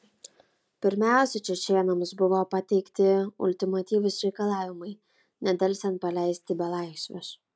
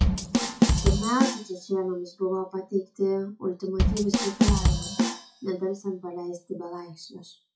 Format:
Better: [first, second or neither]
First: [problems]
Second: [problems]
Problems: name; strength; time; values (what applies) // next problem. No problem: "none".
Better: first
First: none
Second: noise reduction (classical method WPE with log-MMSE)